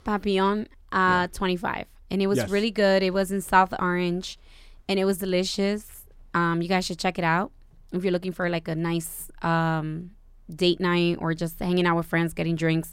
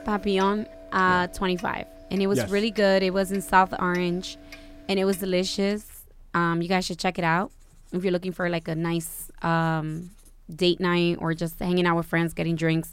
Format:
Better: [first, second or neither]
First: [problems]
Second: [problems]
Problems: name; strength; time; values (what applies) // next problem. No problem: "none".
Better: first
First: none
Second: household noises; faint; throughout; 20 dB below the speech